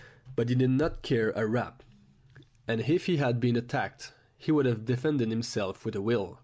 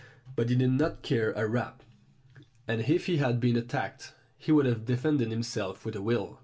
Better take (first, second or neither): first